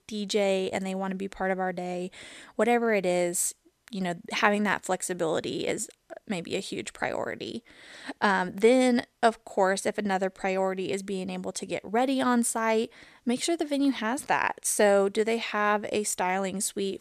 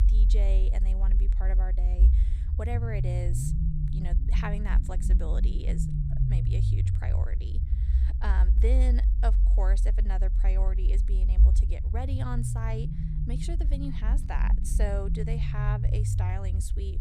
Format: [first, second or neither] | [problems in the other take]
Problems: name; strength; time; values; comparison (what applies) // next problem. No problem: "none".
first | low rumble; loud; throughout; 4 dB below the speech